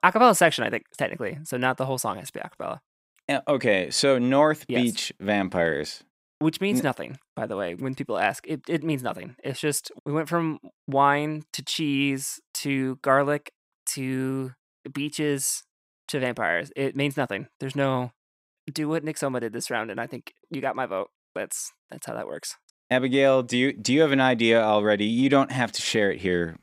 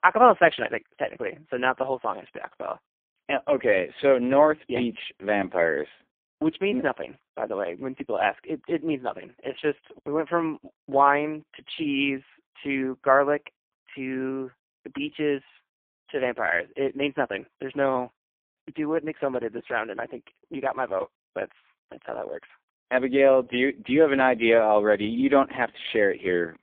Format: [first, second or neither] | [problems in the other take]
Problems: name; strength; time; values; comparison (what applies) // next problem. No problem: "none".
first | phone-call audio; poor line; nothing above 3.5 kHz